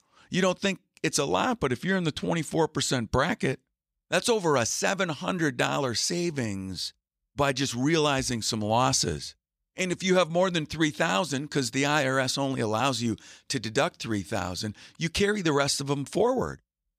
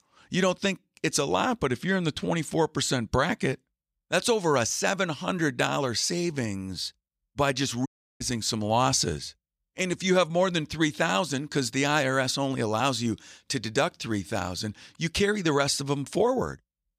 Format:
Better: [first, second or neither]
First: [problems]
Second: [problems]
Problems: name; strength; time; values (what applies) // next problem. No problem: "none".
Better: first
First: none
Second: audio cutting out; at 8 s